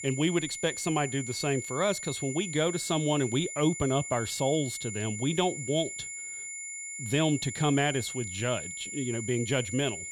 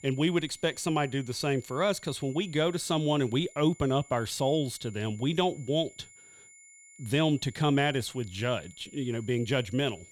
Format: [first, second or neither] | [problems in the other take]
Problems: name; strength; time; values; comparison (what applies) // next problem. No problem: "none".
second | high-pitched whine; loud; throughout; 7 kHz, 7 dB below the speech; faint in the second